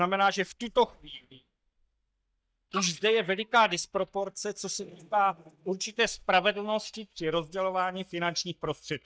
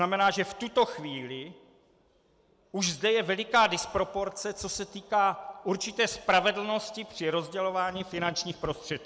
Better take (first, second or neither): second